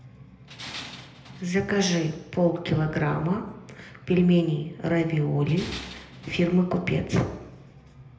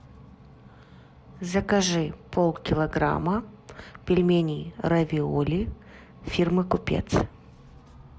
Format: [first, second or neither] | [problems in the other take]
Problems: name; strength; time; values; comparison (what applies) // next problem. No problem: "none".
second | background sound (Tools); 15 dB below the speech // room echo; dies away in 0.8 s